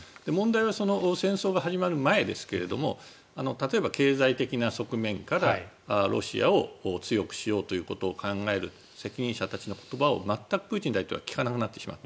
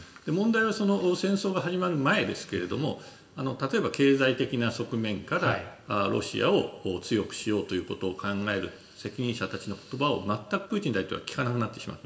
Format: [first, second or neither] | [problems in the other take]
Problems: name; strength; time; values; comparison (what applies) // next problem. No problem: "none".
first | room echo; dies away in 2.7 s